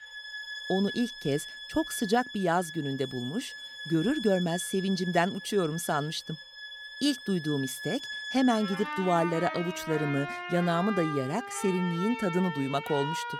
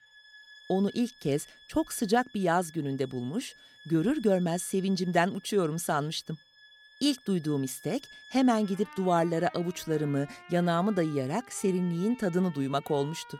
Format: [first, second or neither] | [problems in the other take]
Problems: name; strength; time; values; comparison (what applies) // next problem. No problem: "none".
second | background music; loud; throughout; 8 dB below the speech; faint in the second